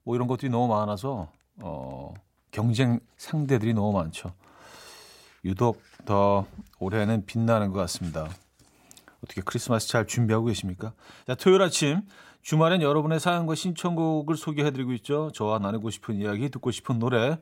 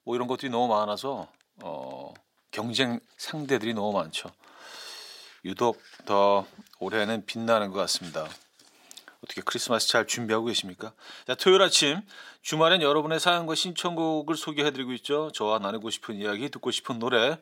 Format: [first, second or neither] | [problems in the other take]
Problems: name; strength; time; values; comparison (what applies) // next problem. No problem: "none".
first | thin; somewhat; fading below 300 Hz